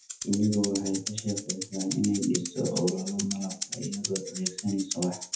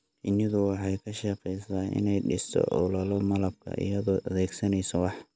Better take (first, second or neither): second